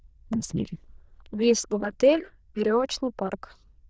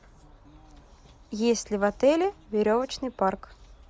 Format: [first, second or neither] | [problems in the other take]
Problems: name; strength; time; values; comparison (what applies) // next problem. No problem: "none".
second | noise reduction (neural diffusion model UNIVERSE++)